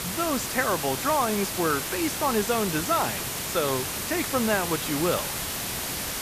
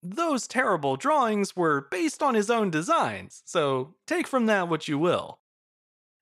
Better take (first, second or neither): second